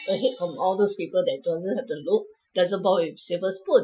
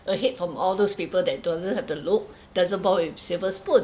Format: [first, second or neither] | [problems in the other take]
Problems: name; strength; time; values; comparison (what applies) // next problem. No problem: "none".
second | noise reduction (classical method Wiener filter)